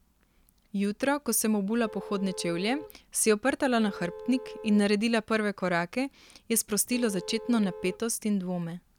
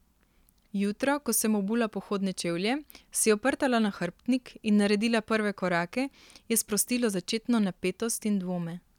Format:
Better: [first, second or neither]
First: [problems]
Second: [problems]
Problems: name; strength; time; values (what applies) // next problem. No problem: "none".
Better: second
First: background sound (Vehicle horn, car horn, honking); 15 dB below the speech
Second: none